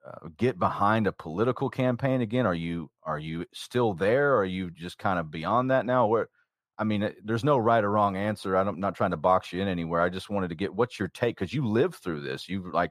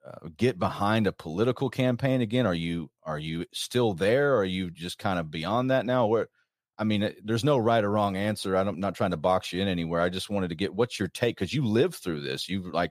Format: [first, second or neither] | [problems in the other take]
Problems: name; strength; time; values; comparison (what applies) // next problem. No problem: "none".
second | muffled; slightly; fading above 2.5 kHz